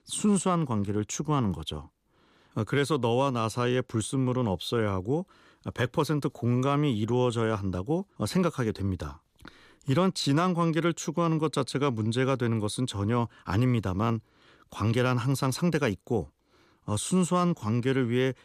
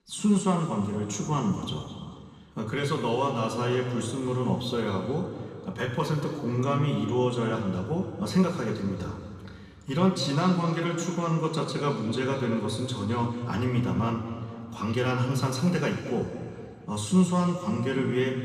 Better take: first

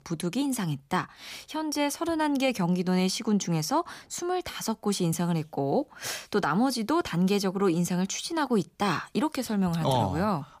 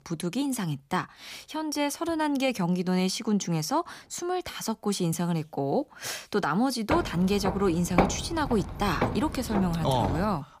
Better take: first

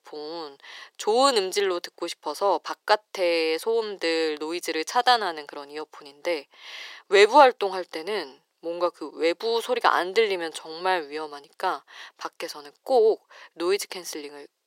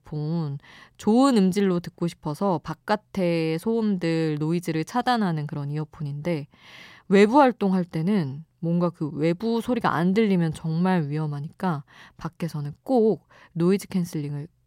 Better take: second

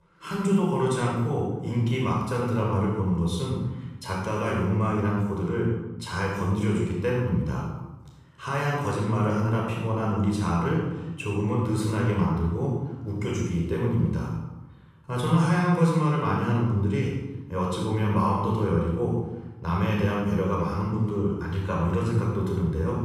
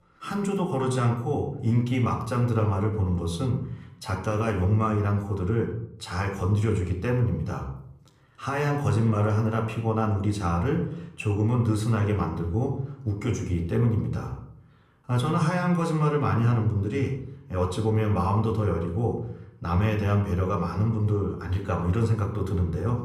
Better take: second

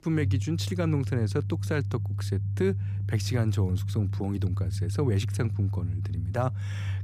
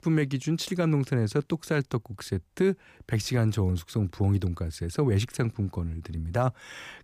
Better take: second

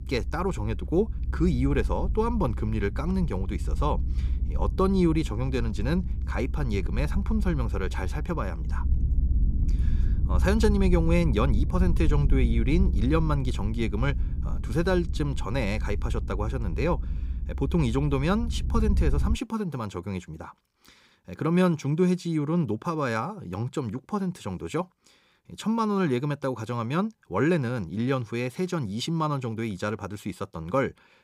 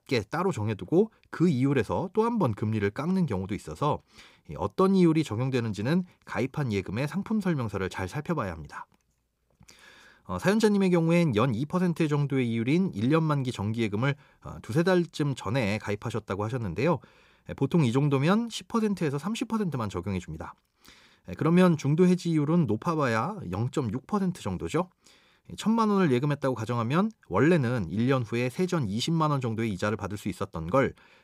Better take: second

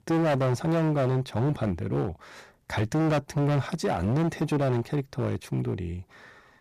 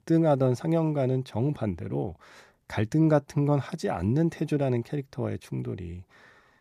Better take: second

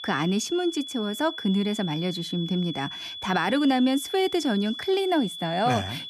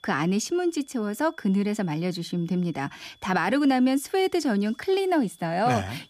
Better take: second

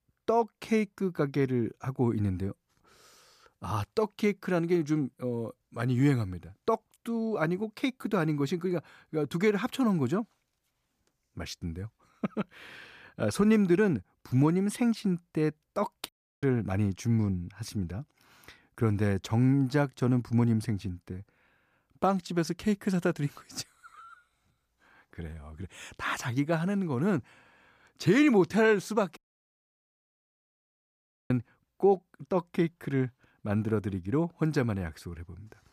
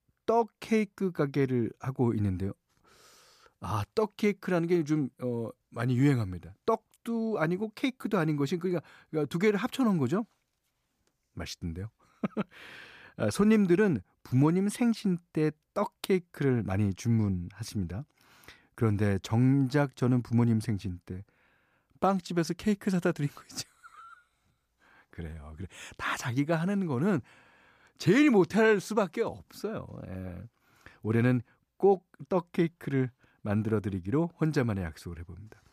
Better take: second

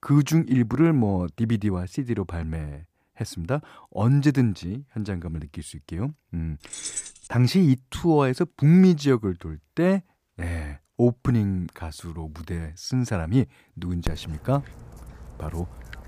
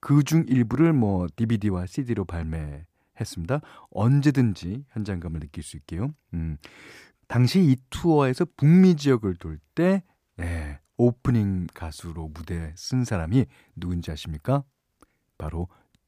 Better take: second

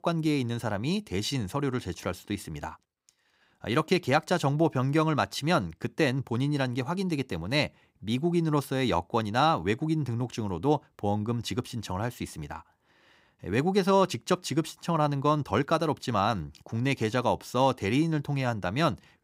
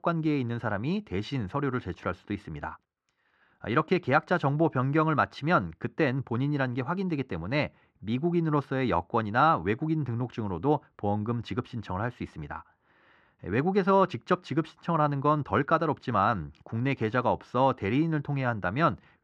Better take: first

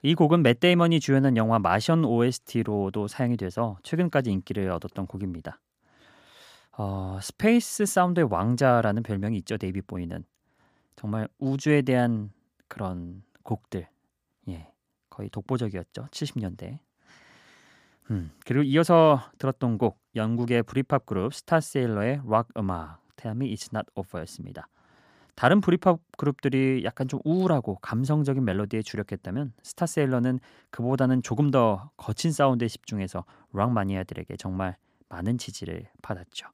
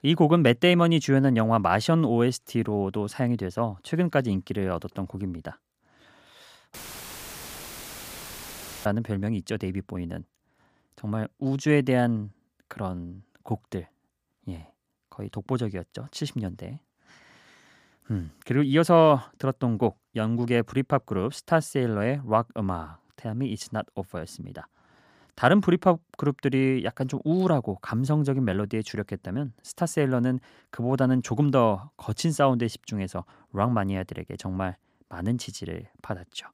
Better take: first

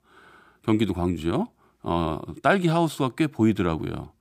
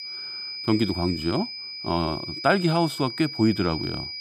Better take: first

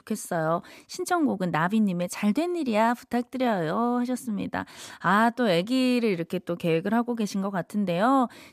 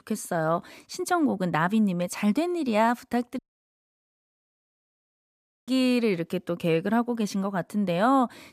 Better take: first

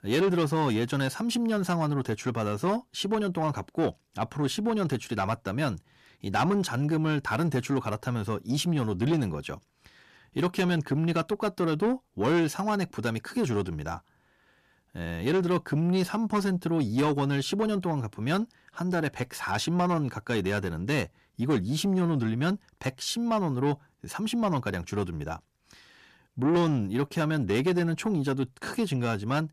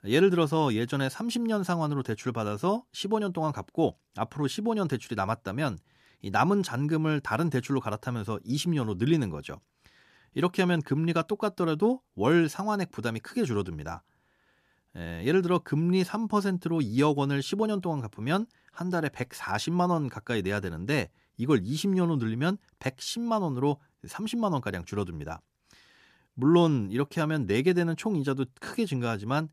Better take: second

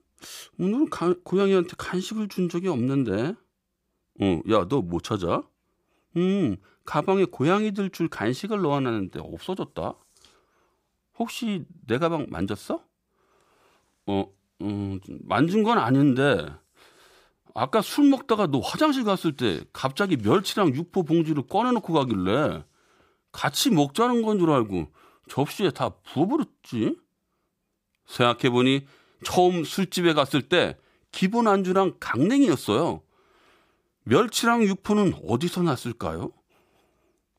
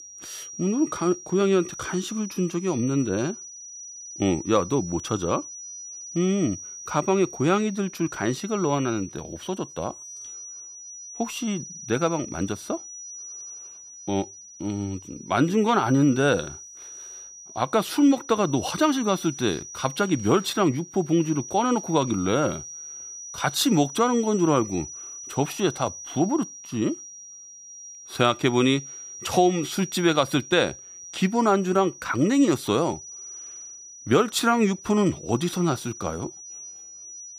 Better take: first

